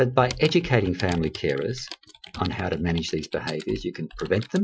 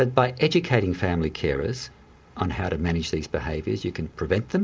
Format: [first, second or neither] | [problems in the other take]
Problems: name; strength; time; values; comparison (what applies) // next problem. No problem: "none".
second | noise reduction (classical method Wiener filter)